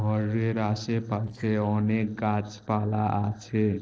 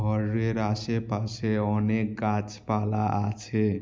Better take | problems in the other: second | noise reduction (neural separator model SepFormer DNS4)

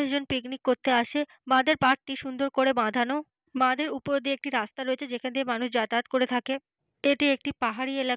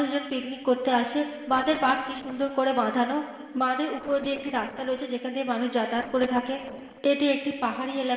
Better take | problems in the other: first | noise reduction (neural separator model SepFormer DNS4)

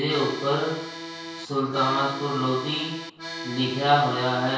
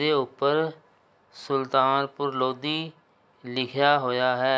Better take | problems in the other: second | background sound (Accordion); 11 dB below the speech // room echo; dies away in 0.6 s

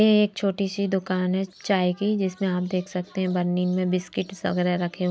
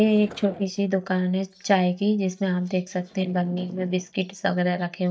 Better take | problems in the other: first | noise reduction (neural mask model DeepFilterNet 3)

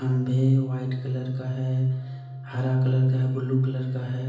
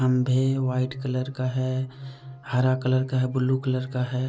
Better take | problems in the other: second | room echo; dies away in 0.8 s

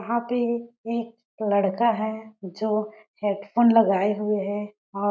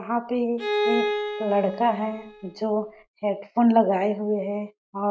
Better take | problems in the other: first | background sound (Bowed string instrument); 4 dB below the speech

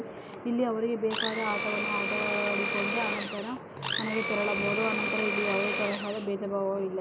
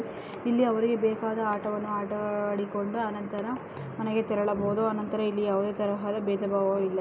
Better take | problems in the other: second | background sound (Domestic sounds, home sounds); as loud as the speech

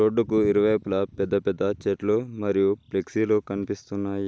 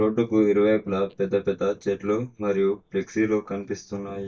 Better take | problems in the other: first | noise reduction (neural mask model DeepFilterNet 3)

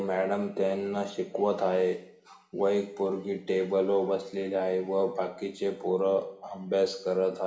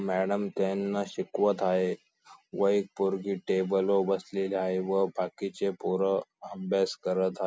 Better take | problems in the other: second | room echo; dies away in 0.6 s

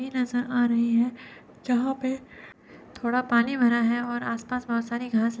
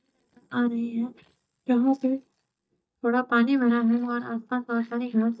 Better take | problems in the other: first | noise reduction (neural mask model DeepFilterNet 3)

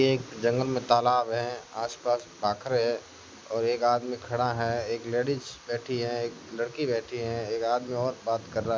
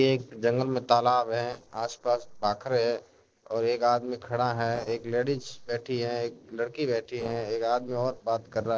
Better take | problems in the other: first | noise reduction (neural separator model SepFormer DNS4)

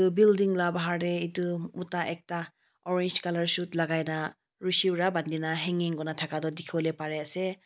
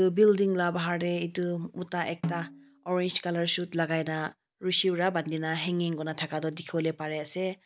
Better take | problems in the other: first | background sound (Snare drum); 11 dB below the speech

